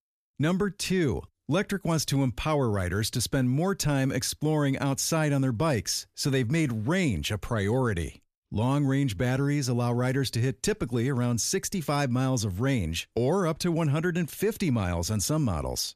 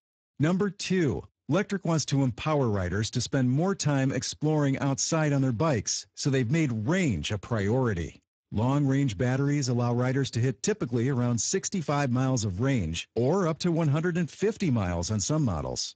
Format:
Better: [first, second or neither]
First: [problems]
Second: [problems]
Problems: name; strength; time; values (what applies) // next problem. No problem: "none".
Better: first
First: none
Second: garbled, watery; badly; nothing above 7.5 kHz